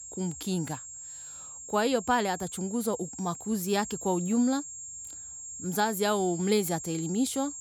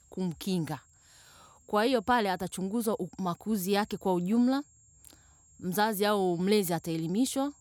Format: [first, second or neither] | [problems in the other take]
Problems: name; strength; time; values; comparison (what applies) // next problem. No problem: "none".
second | high-pitched whine; loud; throughout; 7.5 kHz, 10 dB below the speech; faint in the second